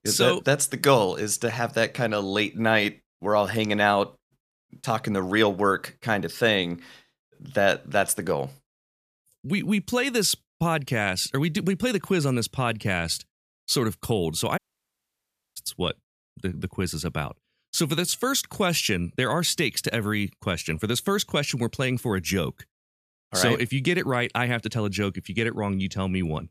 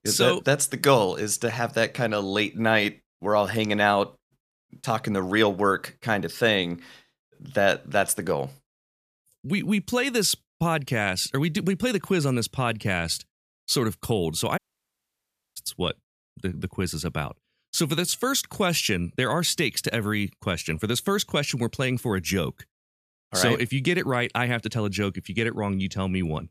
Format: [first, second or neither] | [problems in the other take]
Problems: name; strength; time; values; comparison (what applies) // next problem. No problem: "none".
neither | audio cutting out; at 15 s for 1 s; the same in both